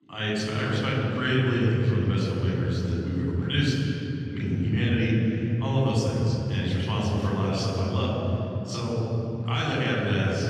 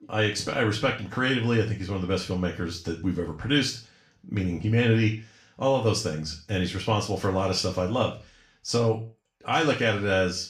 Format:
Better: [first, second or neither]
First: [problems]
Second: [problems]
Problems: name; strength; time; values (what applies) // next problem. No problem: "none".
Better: second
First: room echo; strong; dies away in 3 s // off-mic speech; far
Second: room echo; slight; dies away in 0.3 s // off-mic speech; far